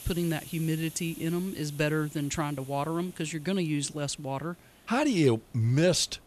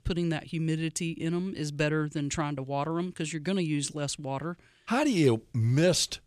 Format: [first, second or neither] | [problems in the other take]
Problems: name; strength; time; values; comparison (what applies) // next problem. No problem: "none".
second | hiss; noticeable; throughout; 20 dB below the speech